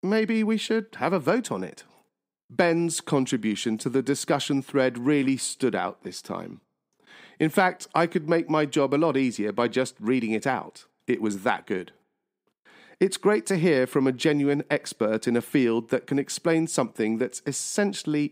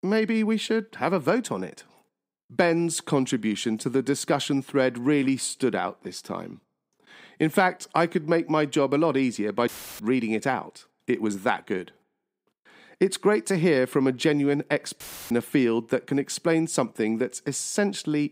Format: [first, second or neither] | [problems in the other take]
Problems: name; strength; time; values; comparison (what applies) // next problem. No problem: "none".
first | audio cutting out; filled with static; at 9.5 s and at 15 s